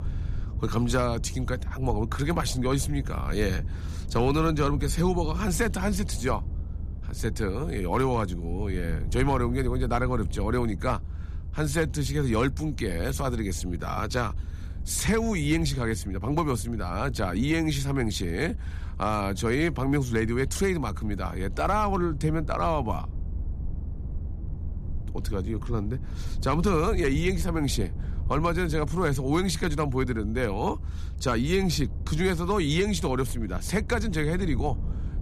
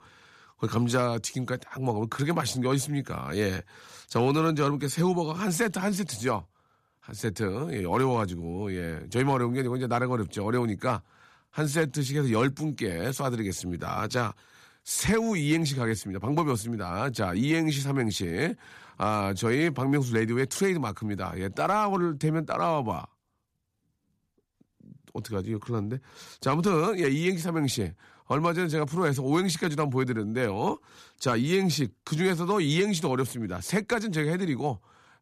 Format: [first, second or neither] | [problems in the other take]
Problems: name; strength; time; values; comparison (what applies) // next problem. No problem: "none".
second | low rumble; faint; throughout; 20 dB below the speech